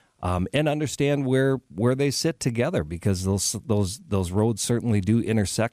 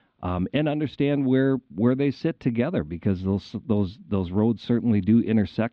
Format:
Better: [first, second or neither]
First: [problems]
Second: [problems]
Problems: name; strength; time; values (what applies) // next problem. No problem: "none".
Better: first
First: none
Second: muffled; very; fading above 3.5 kHz